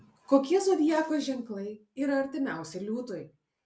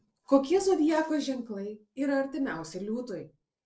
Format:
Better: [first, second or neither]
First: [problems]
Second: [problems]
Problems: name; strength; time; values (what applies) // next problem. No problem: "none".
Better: first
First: none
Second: noise reduction (neural separator model SepFormer DNS4)